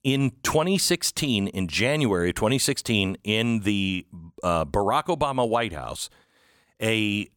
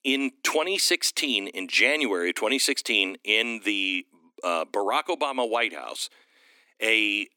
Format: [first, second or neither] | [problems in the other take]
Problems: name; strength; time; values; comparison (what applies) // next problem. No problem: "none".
first | thin; very slightly; fading below 250 Hz